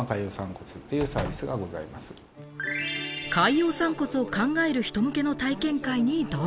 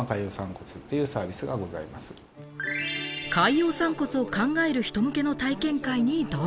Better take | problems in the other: second | background sound (Slam); 12 dB below the speech

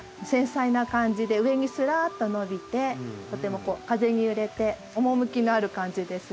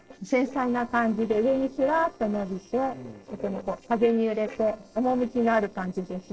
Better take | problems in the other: first | noise reduction (neural separator model SepFormer DNS4)

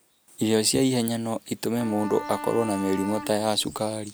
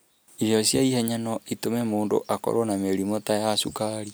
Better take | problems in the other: second | background sound (Bowed string instrument); 12 dB below the speech

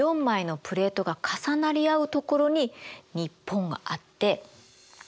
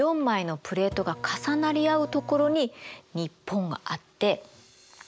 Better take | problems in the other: first | background sound (Printer); 15 dB below the speech

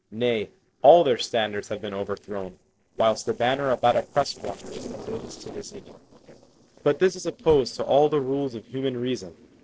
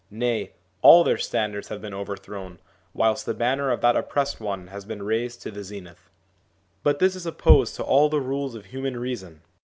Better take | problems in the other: second | noise reduction (neural separator model SepFormer DNS4)

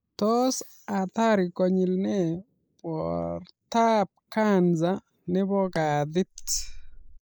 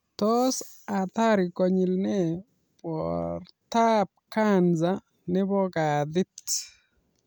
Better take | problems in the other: second | noise reduction (neural mask model Resemble Enhance denoiser)

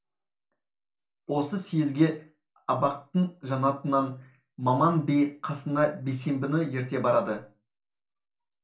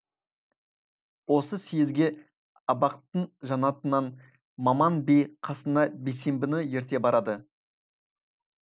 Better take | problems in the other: second | room echo; dies away in 0.3 s

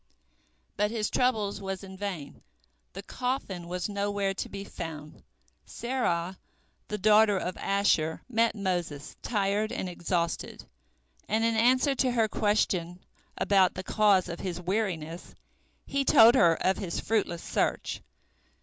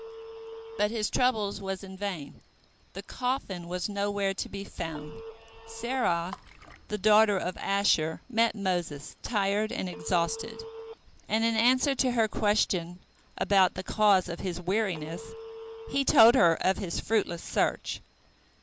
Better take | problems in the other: first | background sound (Water / Splash, splatter + Telephone); 19 dB below the speech

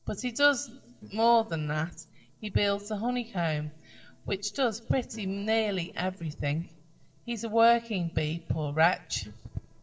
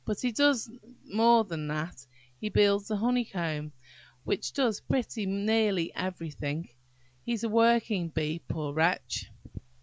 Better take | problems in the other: second | noise reduction (neural separator model SepFormer DNS4)

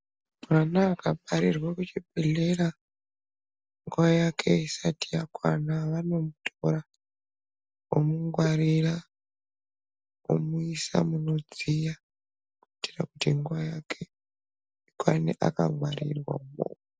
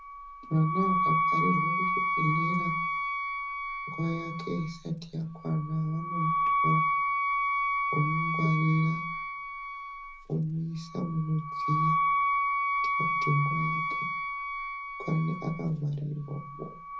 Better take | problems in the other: first | background sound (Wind instrument, woodwind instrument); 2 dB above the speech // room echo; dies away in 0.4 s

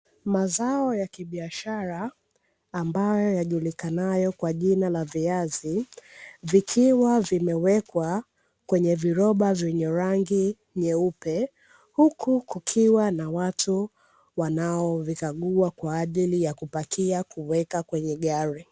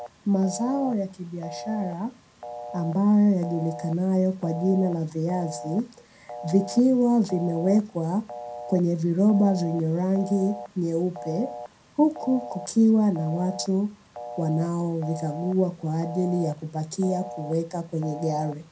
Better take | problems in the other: first | background sound (Telephone); 14 dB below the speech // room echo; dies away in 0.2 s

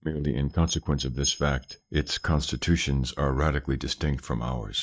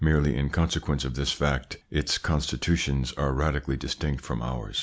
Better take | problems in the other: second | noise reduction (neural mask model DeepFilterNet 3)

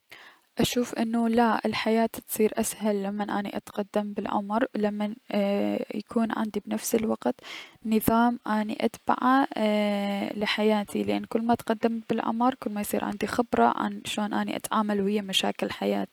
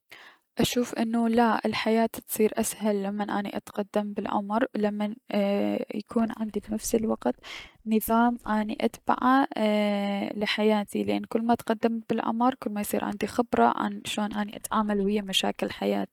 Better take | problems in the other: first | noise reduction (neural mask model DeepFilterNet 3)

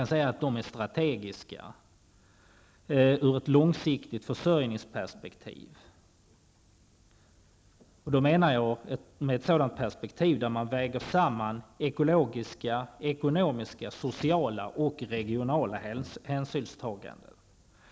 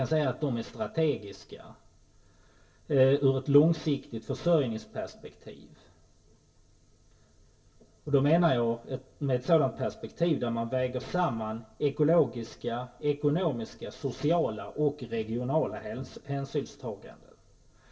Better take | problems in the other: first | room echo; dies away in 0.1 s

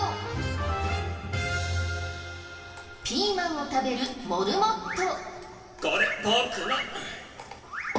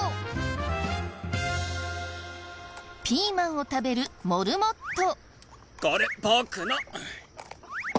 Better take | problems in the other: second | room echo; dies away in 2.5 s

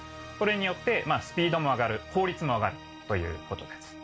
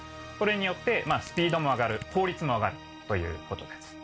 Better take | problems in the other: first | background sound (Crushing); 19 dB below the speech

